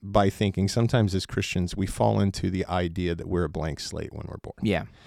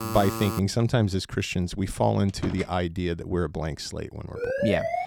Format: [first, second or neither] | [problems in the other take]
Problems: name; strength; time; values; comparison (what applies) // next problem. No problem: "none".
first | alarm; noticeable; at the start; peak 5 dB below the speech // door banging; noticeable; at 2.5 s; peak 9 dB below the speech // siren; noticeable; at 4.5 s; peak level with the speech